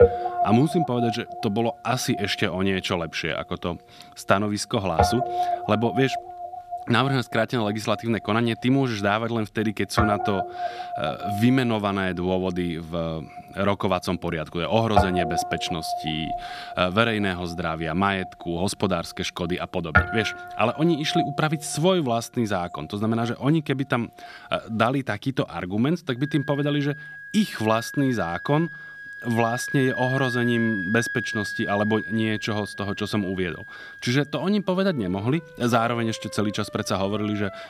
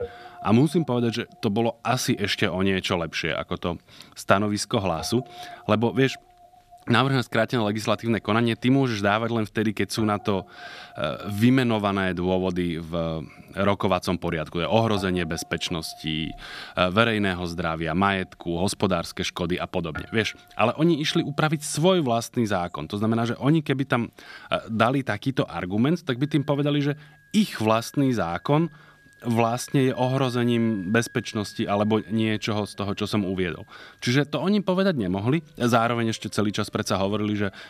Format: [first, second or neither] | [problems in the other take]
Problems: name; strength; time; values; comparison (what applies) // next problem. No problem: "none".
second | background music; loud; throughout; 6 dB below the speech; faint in the second